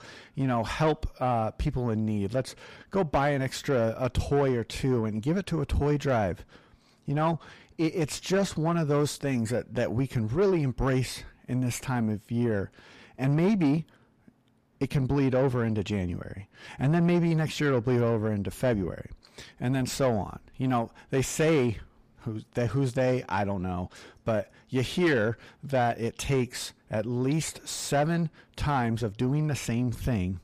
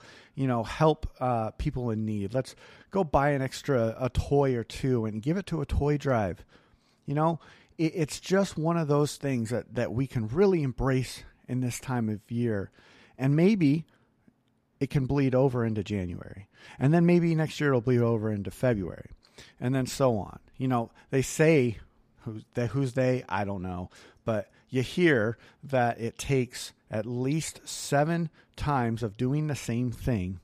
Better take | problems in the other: second | distortion; slight; 9 dB below the speech

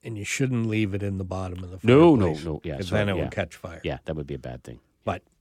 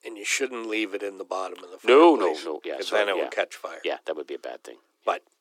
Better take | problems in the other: first | thin; very; fading below 350 Hz

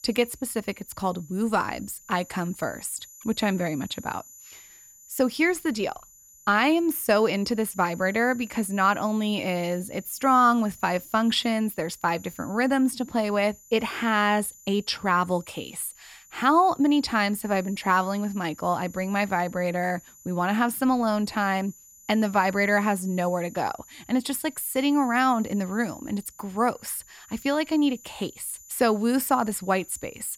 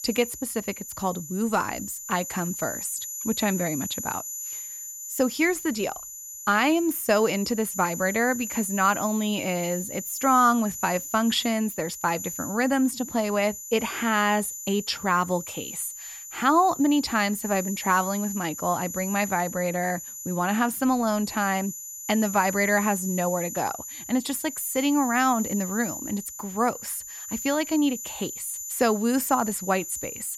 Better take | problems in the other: first | high-pitched whine; loud; throughout; 7 kHz, 8 dB below the speech; faint in the first

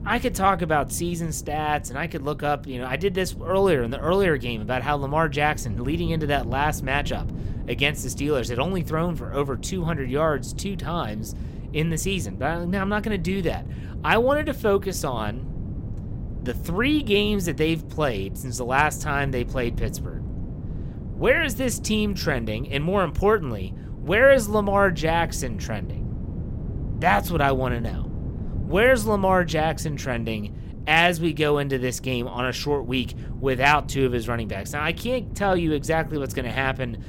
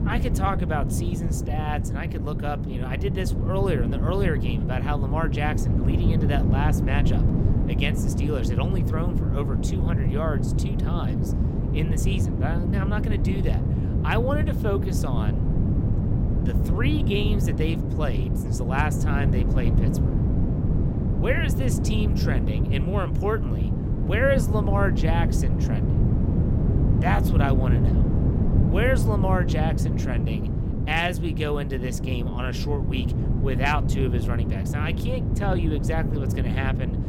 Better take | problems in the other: first | wind noise on the microphone; heavy; 4 dB below the speech; occasional gusts in the first

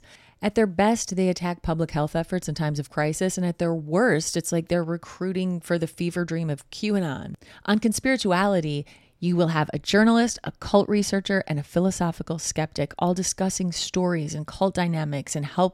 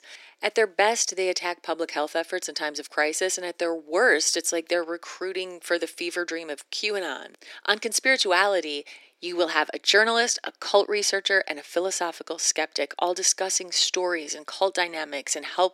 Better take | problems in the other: first | thin; very; fading below 300 Hz

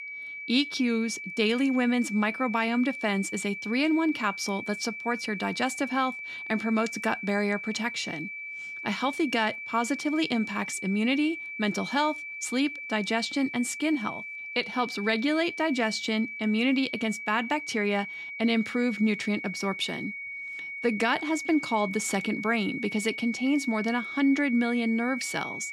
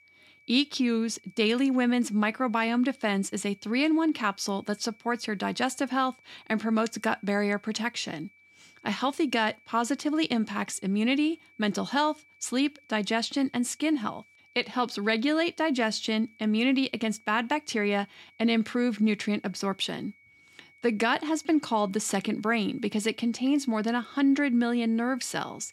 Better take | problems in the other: second | high-pitched whine; loud; throughout; 2.5 kHz, 8 dB below the speech; faint in the second

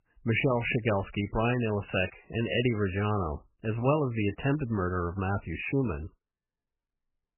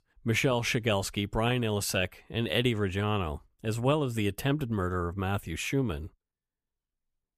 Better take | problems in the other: second | garbled, watery; badly; nothing above 3 kHz

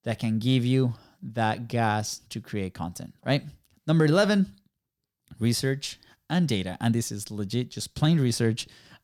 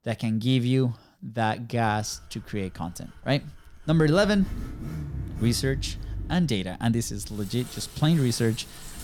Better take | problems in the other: first | traffic noise; noticeable; throughout; 10 dB below the speech

